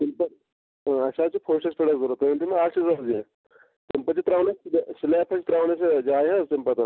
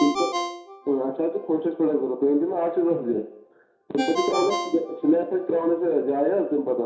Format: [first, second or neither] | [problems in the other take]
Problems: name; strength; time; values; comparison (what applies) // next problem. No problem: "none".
first | background sound (Ringtone); 10 dB below the speech // room echo; dies away in 0.7 s